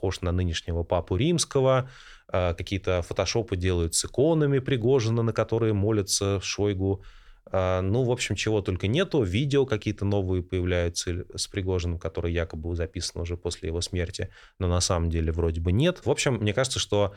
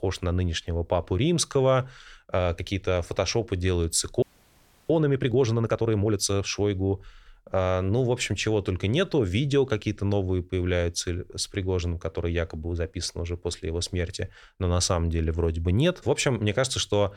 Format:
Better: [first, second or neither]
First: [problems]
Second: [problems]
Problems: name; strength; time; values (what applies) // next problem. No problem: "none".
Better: first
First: none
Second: audio freezing; at 4 s for 0.5 s